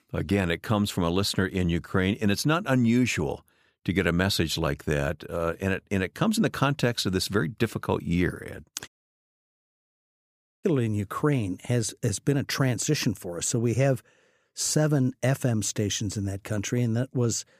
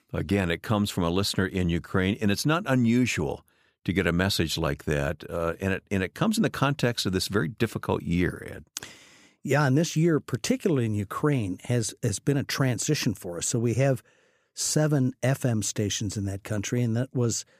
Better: second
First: audio cutting out; at 9 s for 2 s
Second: none

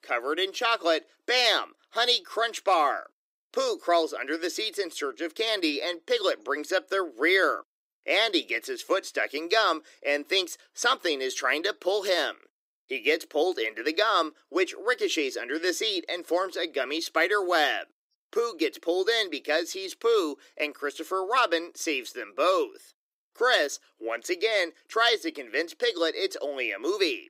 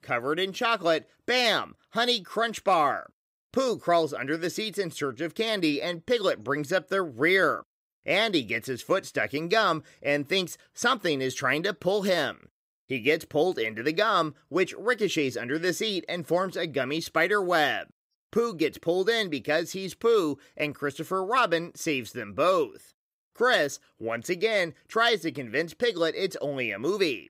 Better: second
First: thin; somewhat; fading below 300 Hz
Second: none

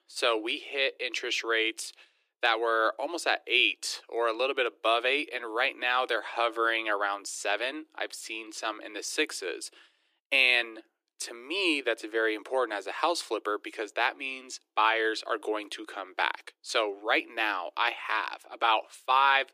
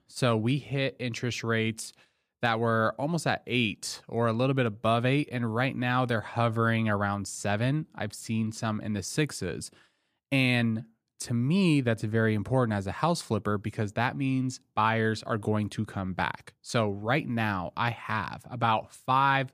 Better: second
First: thin; very; fading below 300 Hz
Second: none

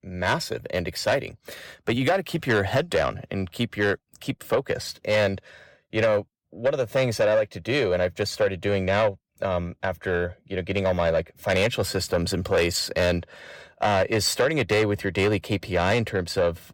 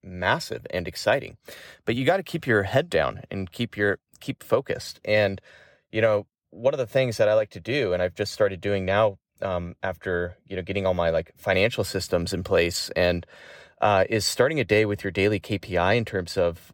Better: second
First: distortion; slight; 10 dB below the speech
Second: none

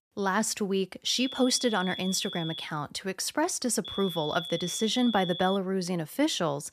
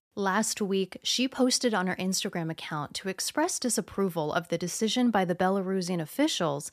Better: second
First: high-pitched whine; loud; from 1 to 2.5 s and from 4 to 5.5 s; 3.5 kHz, 8 dB below the speech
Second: none

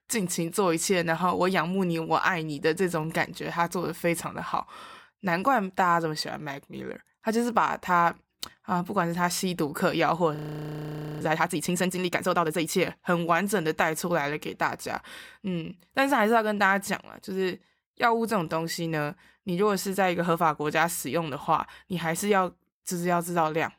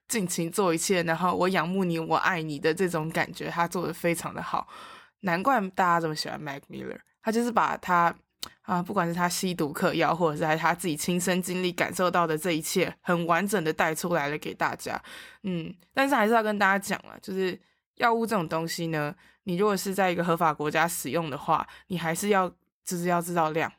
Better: second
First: audio freezing; at 10 s for 1 s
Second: none

